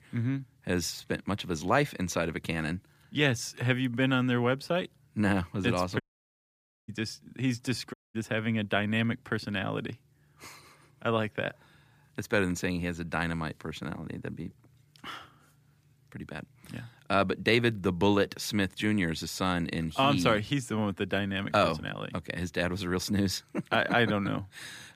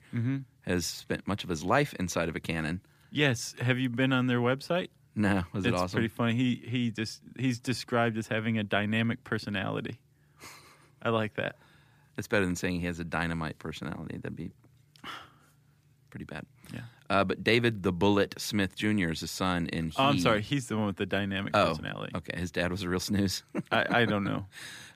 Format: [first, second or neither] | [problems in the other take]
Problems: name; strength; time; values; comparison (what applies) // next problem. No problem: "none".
second | audio cutting out; at 6 s for 1 s and at 8 s